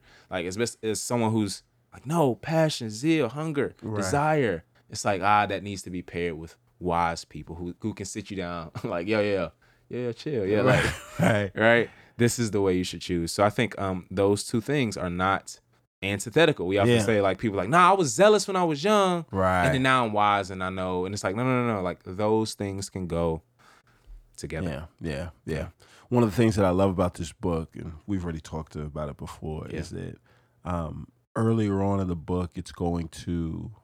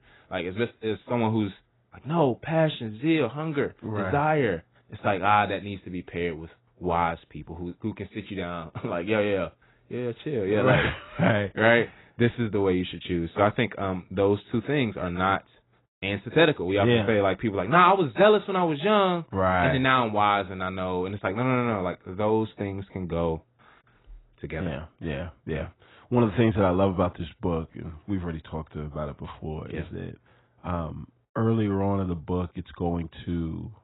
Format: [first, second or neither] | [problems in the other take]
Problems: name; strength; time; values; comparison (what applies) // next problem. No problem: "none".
first | garbled, watery; badly; nothing above 4 kHz